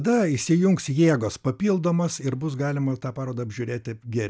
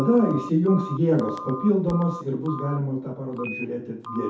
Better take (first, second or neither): first